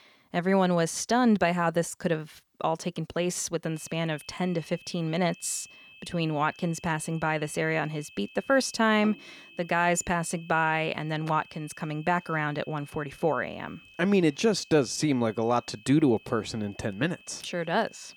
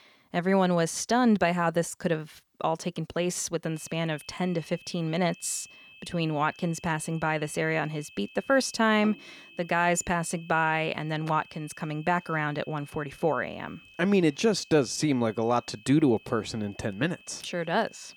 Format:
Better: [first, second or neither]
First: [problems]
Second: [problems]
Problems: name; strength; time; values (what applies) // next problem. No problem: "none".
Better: neither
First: high-pitched whine; faint; from 3.5 s on; 2.5 kHz, 20 dB below the speech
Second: high-pitched whine; faint; from 3.5 s on; 2.5 kHz, 20 dB below the speech